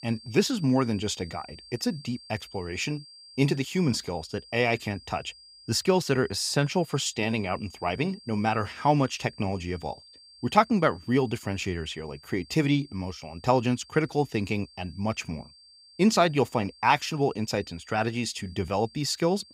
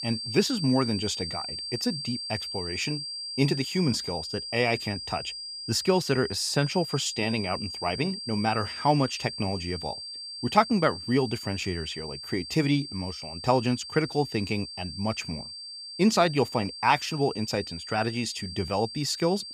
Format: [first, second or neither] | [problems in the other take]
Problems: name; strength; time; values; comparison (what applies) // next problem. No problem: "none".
first | high-pitched whine; loud; throughout; 4.5 kHz, 7 dB below the speech; faint in the first